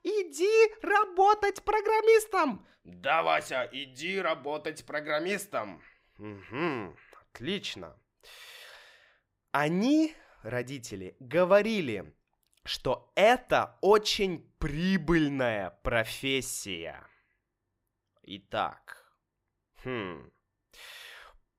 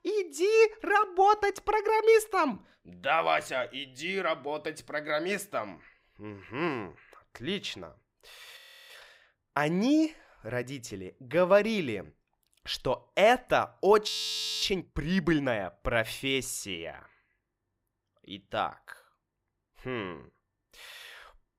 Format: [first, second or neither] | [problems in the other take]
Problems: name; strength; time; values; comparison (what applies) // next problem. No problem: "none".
first | audio freezing; at 8.5 s and at 14 s for 0.5 s